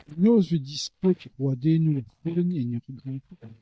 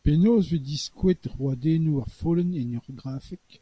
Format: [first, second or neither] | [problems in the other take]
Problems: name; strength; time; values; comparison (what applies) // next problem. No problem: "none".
second | noise reduction (neural mask model DeepFilterNet 3)